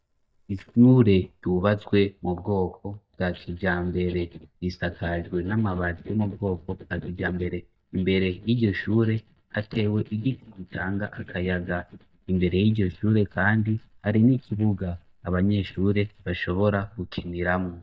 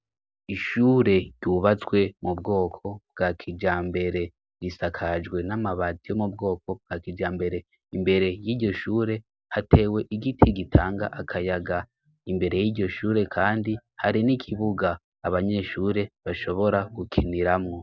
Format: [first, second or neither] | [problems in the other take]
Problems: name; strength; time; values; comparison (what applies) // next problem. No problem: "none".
second | noise reduction (neural mask model DeepFilterNet 3)